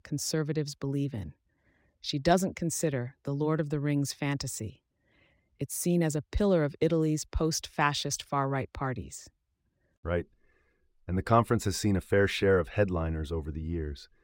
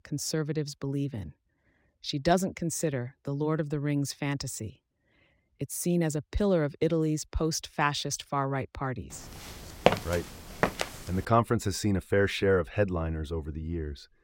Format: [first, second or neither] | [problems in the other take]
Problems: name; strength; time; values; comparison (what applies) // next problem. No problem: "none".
first | footsteps; loud; at 10 s; peak 3 dB above the speech